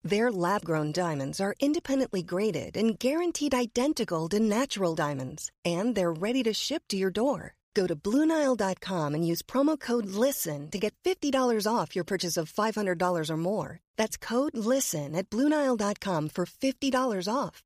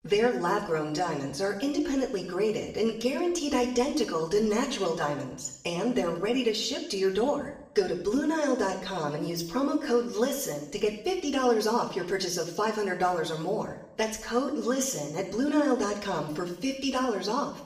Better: first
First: none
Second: room echo; slight; dies away in 0.7 s // off-mic speech; far

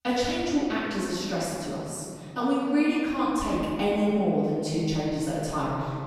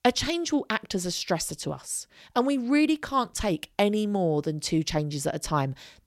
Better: second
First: off-mic speech; far // room echo; strong; dies away in 2.3 s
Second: none

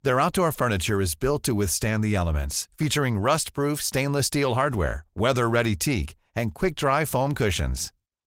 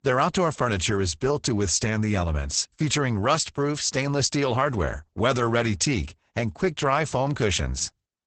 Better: first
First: garbled, watery; slightly; nothing above 16 kHz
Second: garbled, watery; badly; nothing above 8 kHz

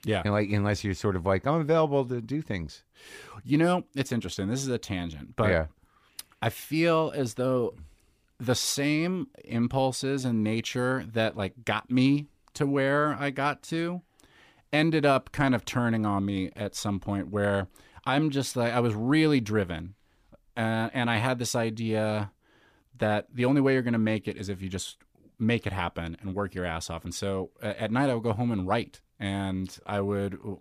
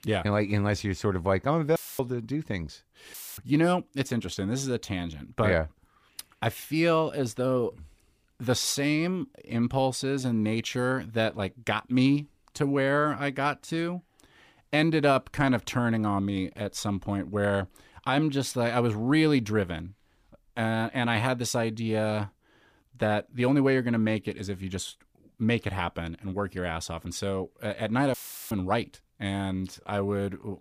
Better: first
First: none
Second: audio cutting out; filled with static; at 2 s, at 3 s and at 28 s

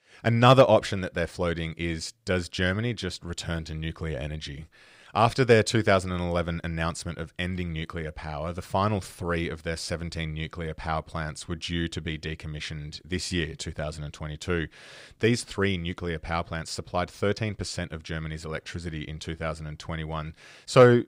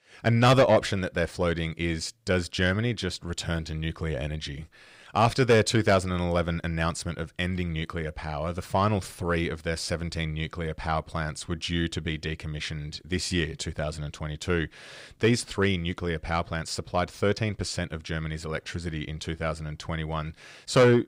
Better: first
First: none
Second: distortion; slight; 10 dB below the speech

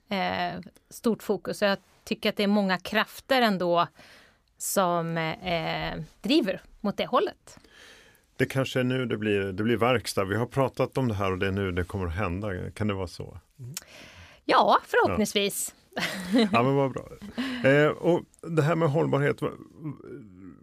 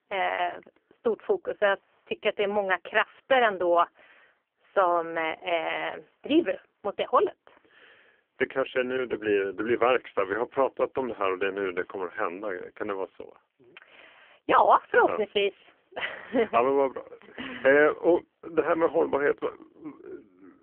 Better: first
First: none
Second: phone-call audio; poor line; nothing above 3 kHz

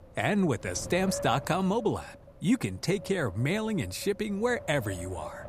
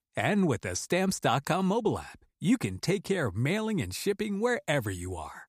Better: second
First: wind noise on the microphone; occasional gusts; 15 dB below the speech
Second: none

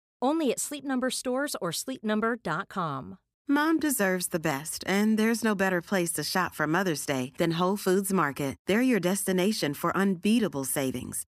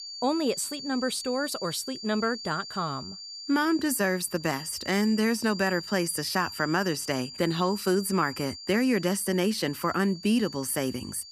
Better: first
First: none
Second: high-pitched whine; noticeable; throughout; 4.5 kHz, 10 dB below the speech

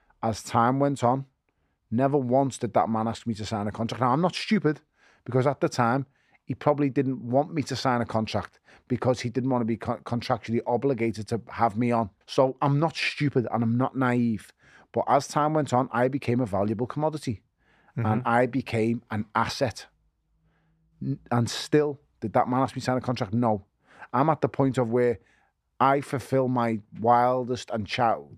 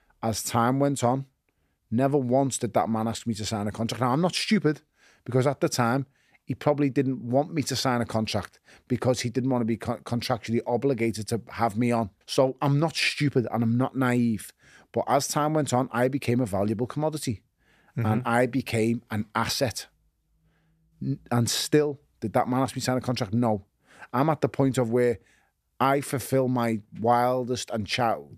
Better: second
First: muffled; very slightly; fading above 2 kHz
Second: none

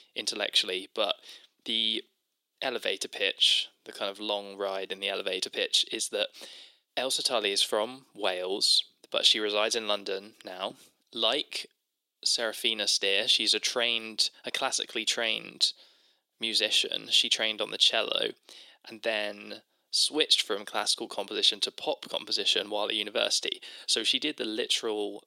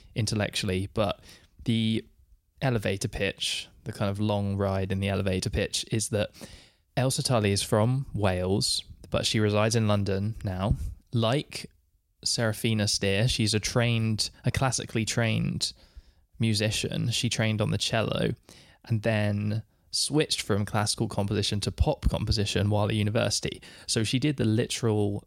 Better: second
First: thin; very; fading below 350 Hz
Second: none

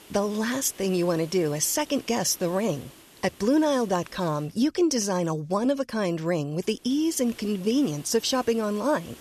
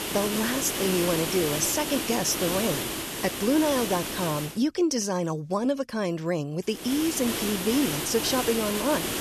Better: first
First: hiss; faint; until 4.5 s and from 7 s on; 20 dB below the speech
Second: hiss; loud; until 4.5 s and from 7 s on; 2 dB below the speech

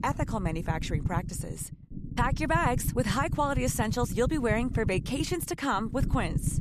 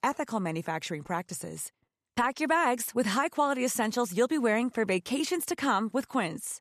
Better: second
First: low rumble; noticeable; throughout; 15 dB below the speech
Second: none

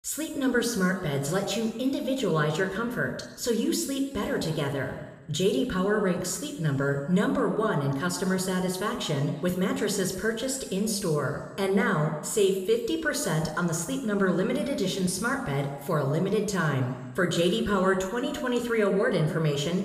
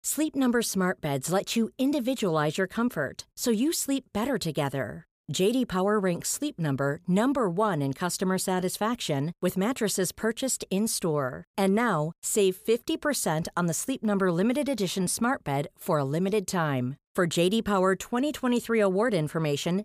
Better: second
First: room echo; slight; dies away in 1.1 s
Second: none

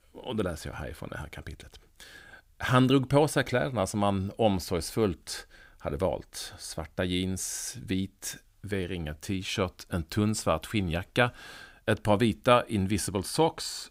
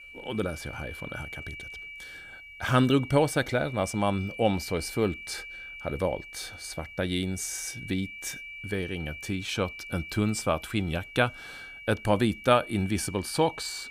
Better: first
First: none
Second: high-pitched whine; noticeable; throughout; 2.5 kHz, 10 dB below the speech

